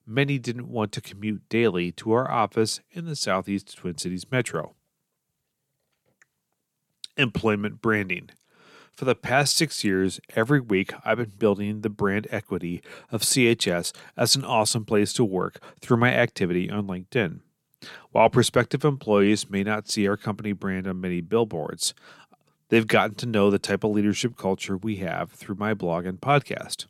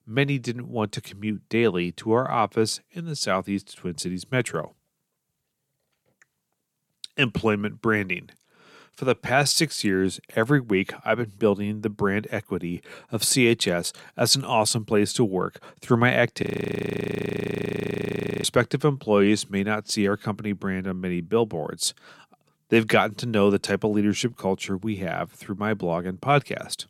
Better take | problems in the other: first | audio freezing; at 16 s for 2 s

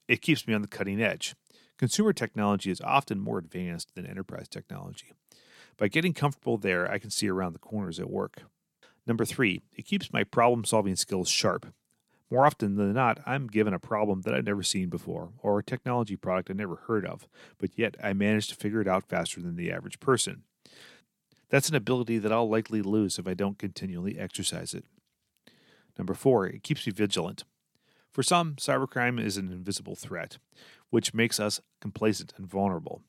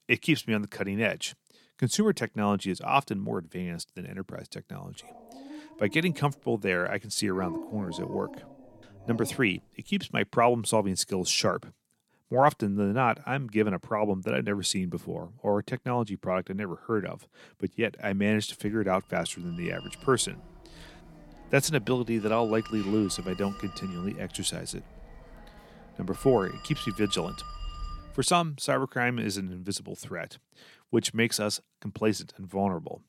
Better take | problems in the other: first | dog barking; noticeable; from 5 to 10 s; peak 9 dB below the speech // phone ringing; faint; from 19 to 28 s; peak 10 dB below the speech

